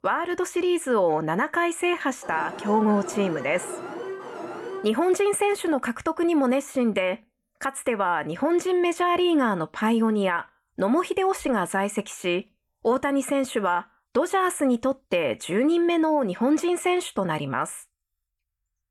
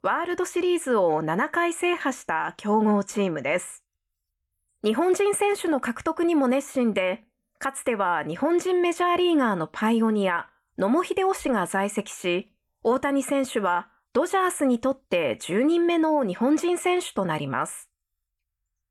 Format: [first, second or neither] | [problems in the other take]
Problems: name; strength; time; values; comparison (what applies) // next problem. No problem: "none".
second | alarm; noticeable; from 2 to 5 s; peak 10 dB below the speech